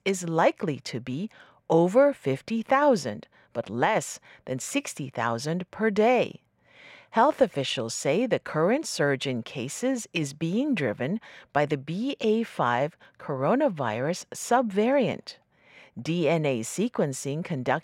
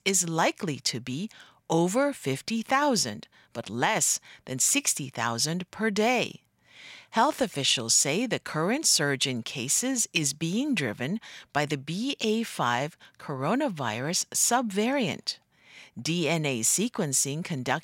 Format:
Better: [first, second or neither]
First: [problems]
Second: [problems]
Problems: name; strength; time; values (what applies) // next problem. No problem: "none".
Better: second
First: muffled; very; fading above 3 kHz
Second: none